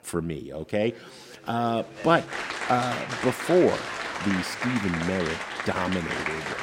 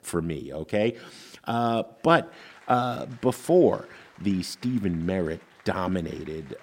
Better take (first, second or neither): second